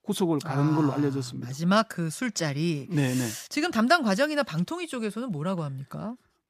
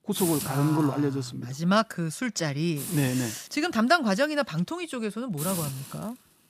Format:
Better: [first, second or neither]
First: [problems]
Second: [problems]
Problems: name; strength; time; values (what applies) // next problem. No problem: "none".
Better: first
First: none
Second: hiss; loud; throughout; 8 dB below the speech